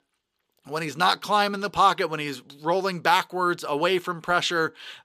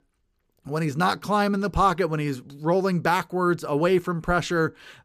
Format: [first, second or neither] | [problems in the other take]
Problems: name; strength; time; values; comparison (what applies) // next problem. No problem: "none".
second | thin; somewhat; fading below 1 kHz